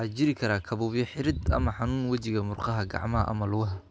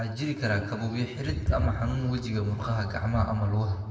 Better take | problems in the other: first | room echo; dies away in 2 s

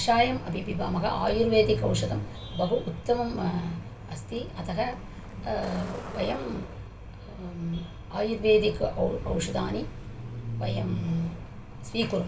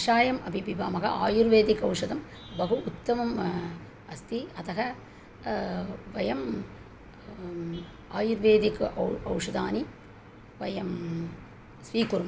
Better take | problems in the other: second | background sound (Truck); 10 dB below the speech // room echo; dies away in 0.2 s

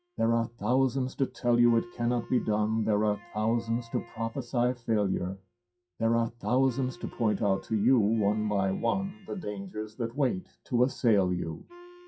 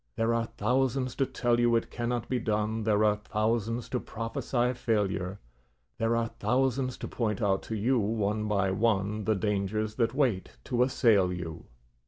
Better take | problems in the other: second | noise reduction (classical method WPE with log-MMSE)

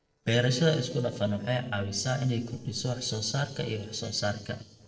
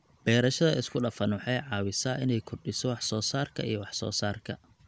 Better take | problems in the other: second | noise reduction (neural separator model SepFormer DNS4)

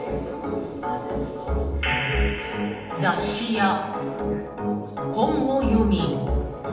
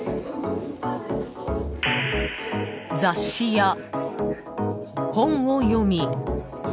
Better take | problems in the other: second | room echo; dies away in 0.8 s

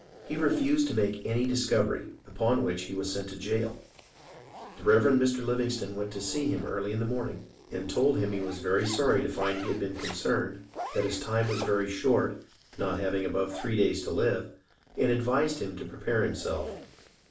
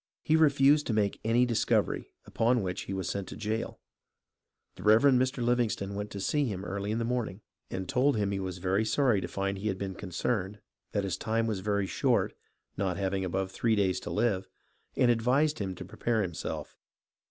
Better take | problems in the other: second | background sound (Zipper (clothing)); 17 dB below the speech // room echo; dies away in 0.4 s

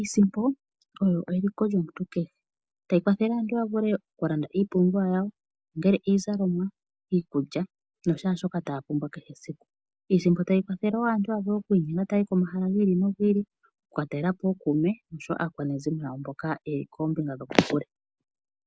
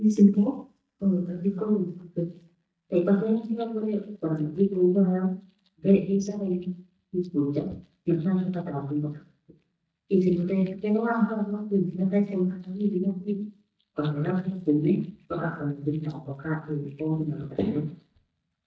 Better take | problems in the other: first | noise reduction (neural mask model DeepFilterNet 3)

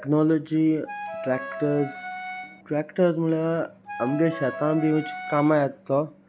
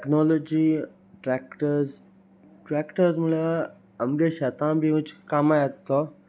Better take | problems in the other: second | background sound (Wind instrument, woodwind instrument); 10 dB below the speech

